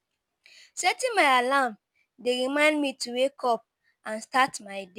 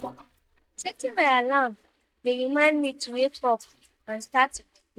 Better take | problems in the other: first | noise reduction (neural mask model DeepFilterNet 3)

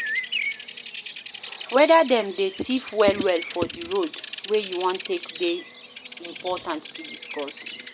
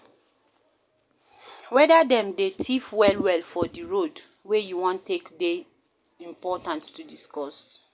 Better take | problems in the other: second | background sound (Bird vocalization, bird call, bird song); 10 dB below the speech

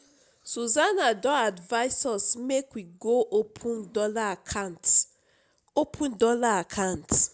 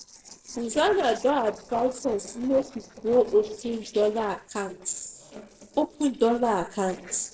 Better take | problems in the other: first | noise reduction (neural separator model SepFormer DNS4)

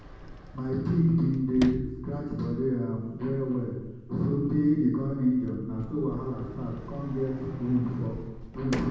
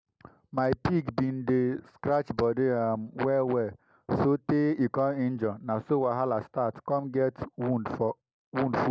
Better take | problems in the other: second | background sound (Sliding door); 13 dB below the speech // room echo; dies away in 1.1 s

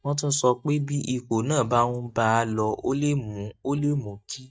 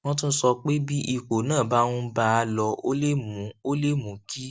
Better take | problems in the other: second | noise reduction (neural mask model DeepFilterNet 3)

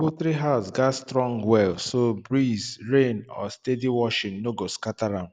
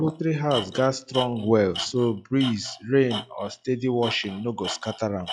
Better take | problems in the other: first | noise reduction (classical method log-MMSE)

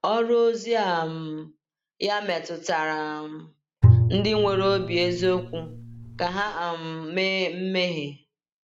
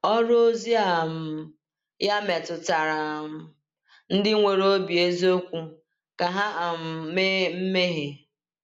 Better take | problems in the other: second | background sound (Bowed string instrument); 3 dB above the speech

